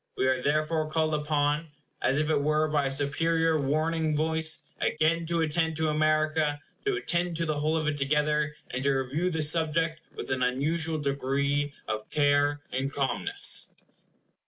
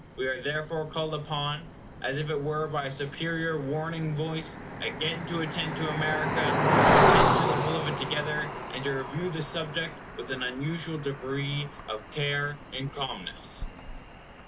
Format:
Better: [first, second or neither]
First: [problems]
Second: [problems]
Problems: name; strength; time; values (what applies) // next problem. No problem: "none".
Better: first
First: none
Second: background sound (Cricket); 2 dB above the speech